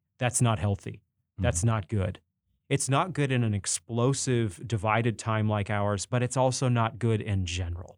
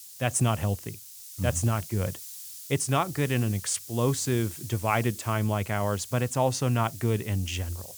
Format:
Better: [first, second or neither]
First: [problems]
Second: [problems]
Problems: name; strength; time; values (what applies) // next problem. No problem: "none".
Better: first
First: none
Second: hiss; noticeable; throughout; 10 dB below the speech